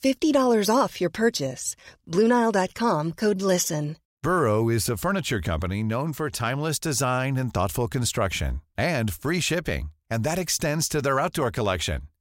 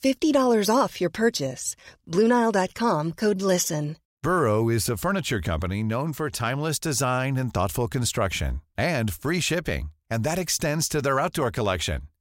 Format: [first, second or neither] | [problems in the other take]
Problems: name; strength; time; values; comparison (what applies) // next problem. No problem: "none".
neither | none